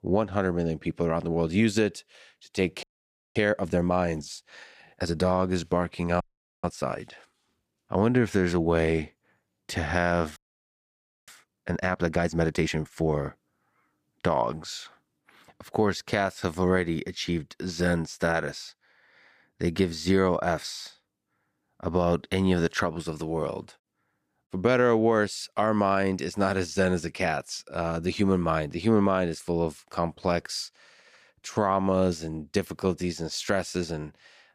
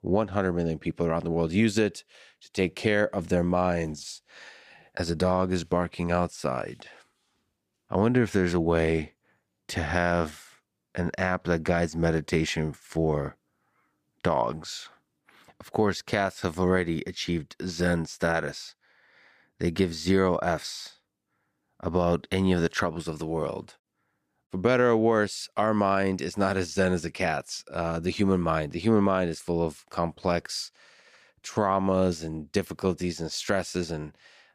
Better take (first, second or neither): second